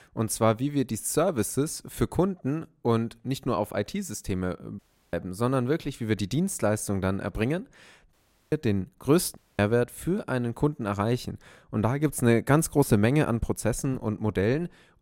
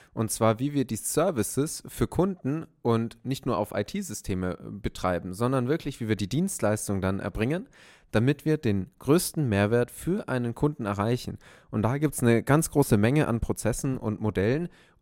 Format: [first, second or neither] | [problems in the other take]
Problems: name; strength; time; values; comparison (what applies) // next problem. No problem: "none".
second | audio cutting out; at 5 s, at 8 s and at 9.5 s